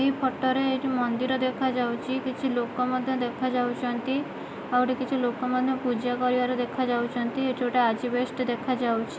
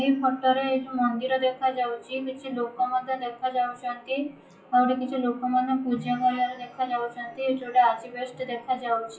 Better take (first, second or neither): first